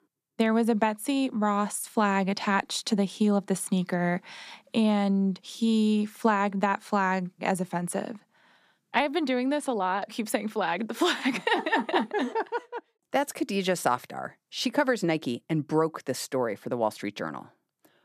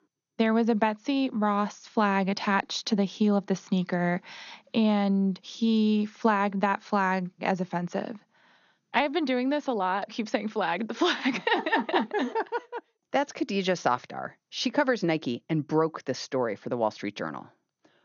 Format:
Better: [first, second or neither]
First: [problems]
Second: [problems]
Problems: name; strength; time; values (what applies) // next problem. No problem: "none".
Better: first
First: none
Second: garbled, watery; slightly; nothing above 6.5 kHz